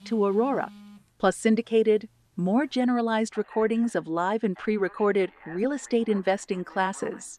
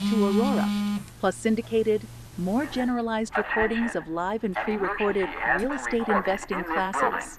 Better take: first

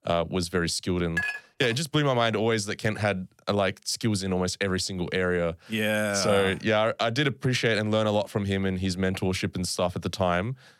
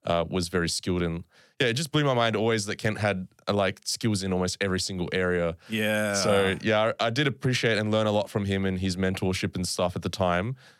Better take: second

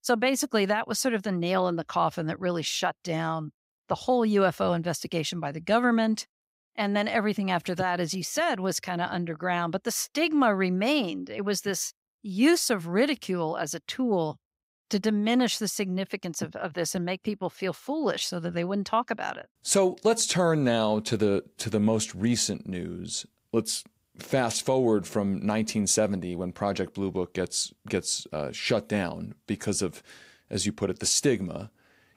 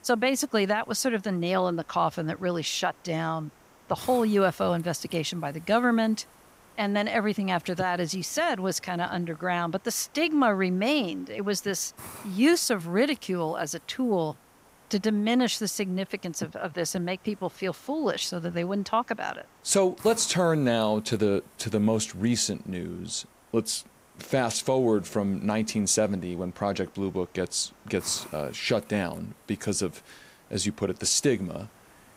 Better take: first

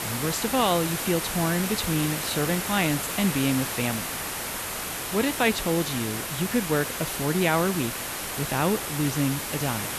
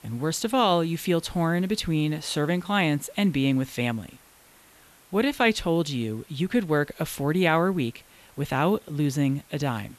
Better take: second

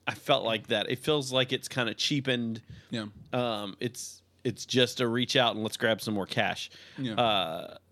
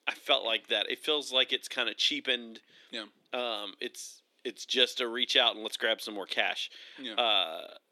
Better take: first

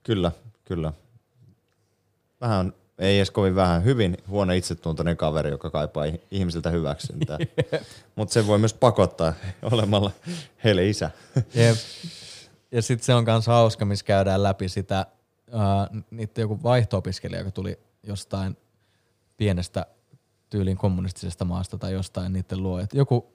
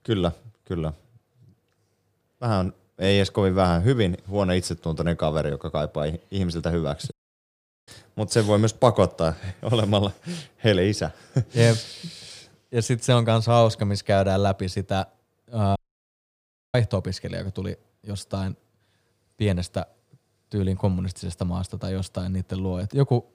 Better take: first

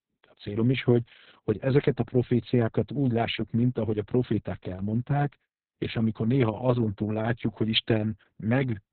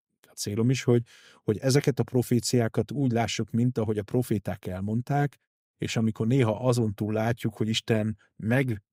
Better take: second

